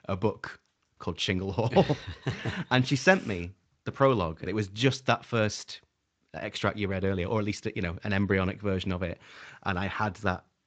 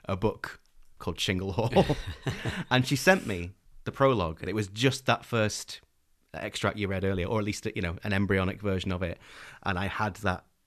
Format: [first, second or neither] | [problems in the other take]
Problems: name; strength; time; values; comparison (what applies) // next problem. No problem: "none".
second | garbled, watery; slightly; nothing above 7.5 kHz